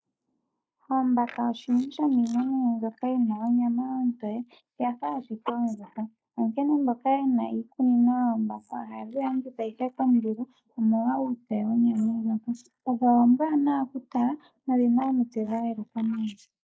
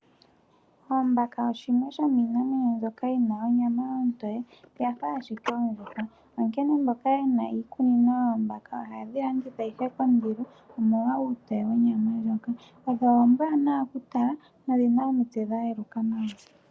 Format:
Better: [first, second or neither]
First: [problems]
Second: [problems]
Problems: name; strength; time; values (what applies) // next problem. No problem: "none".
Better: second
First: noise reduction (neural mask model Resemble Enhance denoiser)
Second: none